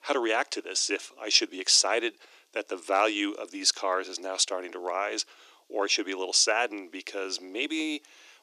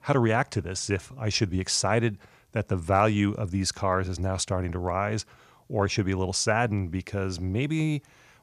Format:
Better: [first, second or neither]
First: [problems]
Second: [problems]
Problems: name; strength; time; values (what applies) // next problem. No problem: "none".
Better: second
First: thin; very; fading below 300 Hz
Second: none